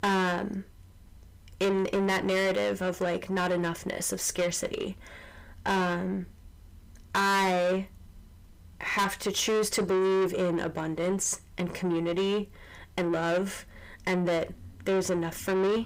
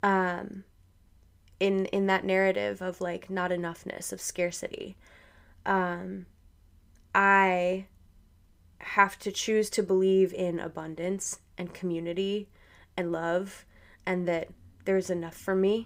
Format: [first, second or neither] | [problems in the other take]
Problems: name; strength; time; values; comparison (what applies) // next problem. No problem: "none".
second | distortion; heavy; 6 dB below the speech